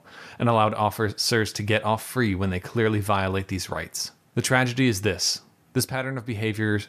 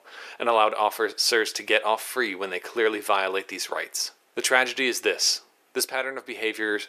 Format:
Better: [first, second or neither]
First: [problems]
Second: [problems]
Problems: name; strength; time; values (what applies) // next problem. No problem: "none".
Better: first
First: none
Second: thin; very; fading below 400 Hz